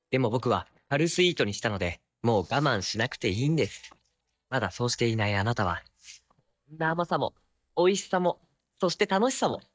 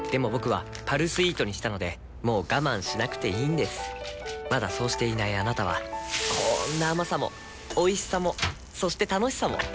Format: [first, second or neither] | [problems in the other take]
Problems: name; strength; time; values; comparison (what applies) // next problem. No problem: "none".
second | noise reduction (neural mask model DeepFilterNet 3)